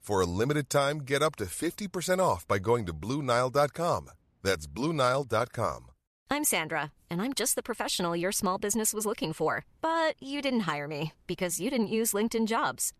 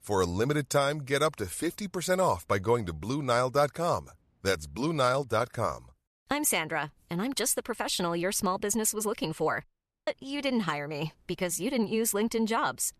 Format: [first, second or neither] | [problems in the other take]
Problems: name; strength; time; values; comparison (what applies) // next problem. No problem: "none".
first | audio cutting out; at 9.5 s